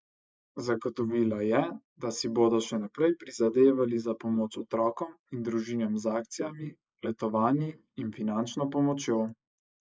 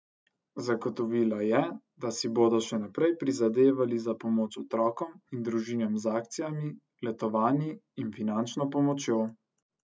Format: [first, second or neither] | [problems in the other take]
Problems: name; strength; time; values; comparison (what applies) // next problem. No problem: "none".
second | noise reduction (neural mask model Resemble Enhance denoiser)